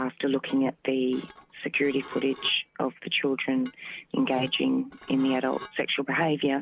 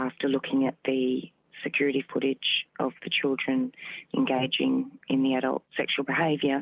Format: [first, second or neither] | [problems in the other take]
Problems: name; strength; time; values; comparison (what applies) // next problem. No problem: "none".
second | background sound (Dishes, pots, and pans / Glass); 20 dB below the speech